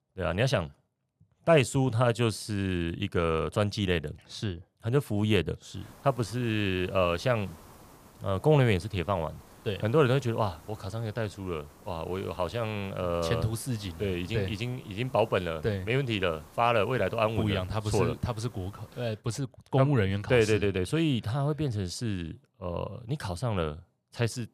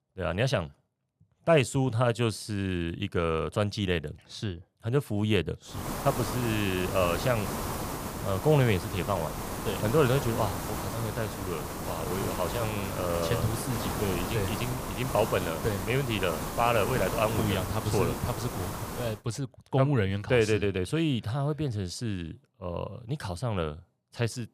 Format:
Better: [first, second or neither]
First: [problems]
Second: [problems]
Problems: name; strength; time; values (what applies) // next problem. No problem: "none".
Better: first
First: hiss; faint; from 6 to 19 s; 25 dB below the speech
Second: hiss; loud; from 6 to 19 s; 5 dB below the speech